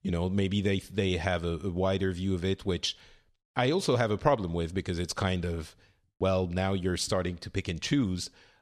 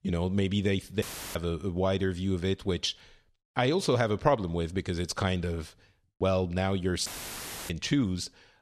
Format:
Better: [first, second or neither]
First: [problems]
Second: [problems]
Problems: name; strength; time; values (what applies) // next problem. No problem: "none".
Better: first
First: none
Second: audio cutting out; filled with static; at 1 s and at 7 s for 0.5 s